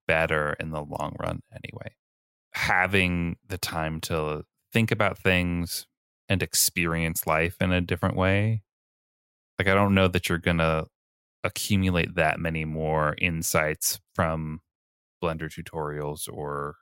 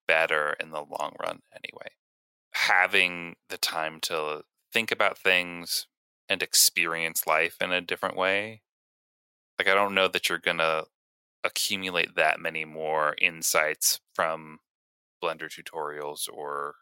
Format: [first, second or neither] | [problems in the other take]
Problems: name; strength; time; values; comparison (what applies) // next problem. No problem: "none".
first | thin; very; fading below 450 Hz